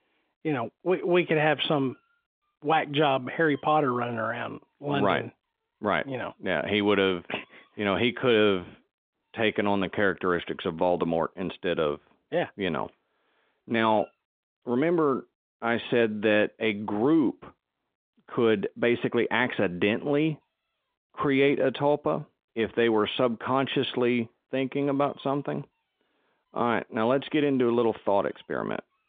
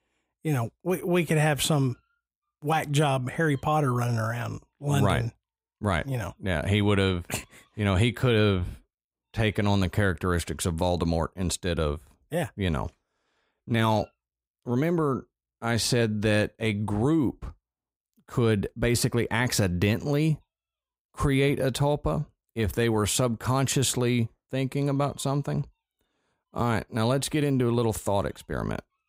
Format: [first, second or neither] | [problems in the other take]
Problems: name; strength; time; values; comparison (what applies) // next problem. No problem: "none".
second | phone-call audio; nothing above 3.5 kHz